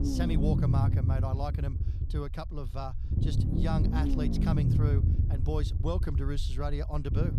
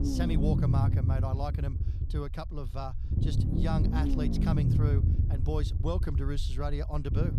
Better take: neither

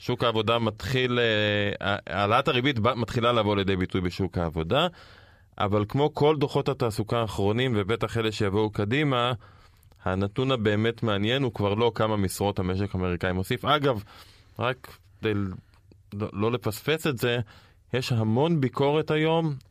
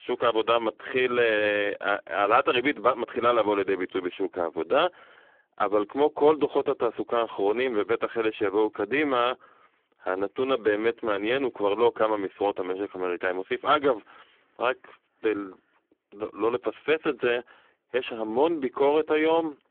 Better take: first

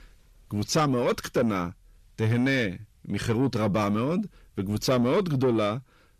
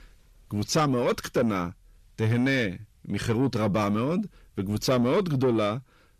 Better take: neither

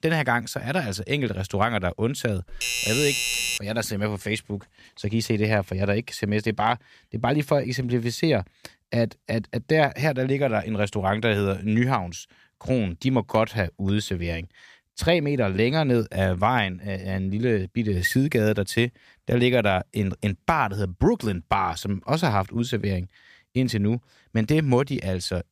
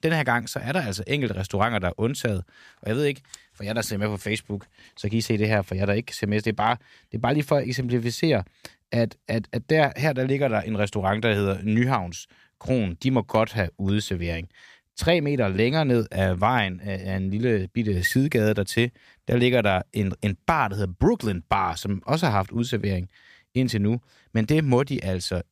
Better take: second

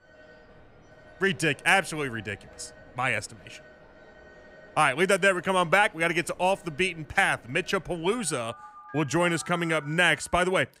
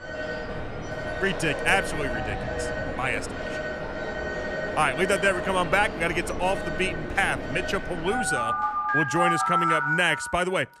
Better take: first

